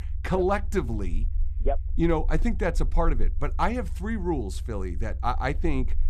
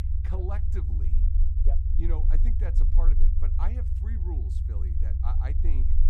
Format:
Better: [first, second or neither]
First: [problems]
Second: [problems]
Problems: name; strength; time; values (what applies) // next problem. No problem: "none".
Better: first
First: low rumble; faint; throughout; 25 dB below the speech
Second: low rumble; loud; throughout; 2 dB below the speech